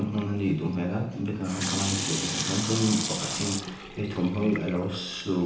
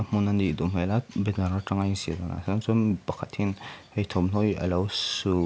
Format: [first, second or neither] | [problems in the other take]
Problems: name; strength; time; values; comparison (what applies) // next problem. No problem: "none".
second | background sound (Sink (filling or washing) / Water tap, faucet); 6 dB below the speech // room echo; dies away in 0.9 s